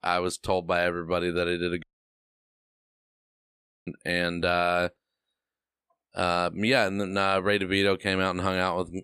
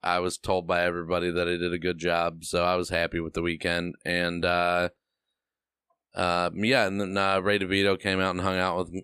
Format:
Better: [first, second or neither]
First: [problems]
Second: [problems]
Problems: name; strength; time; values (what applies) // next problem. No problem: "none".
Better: second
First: audio cutting out; at 2 s for 2 s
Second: none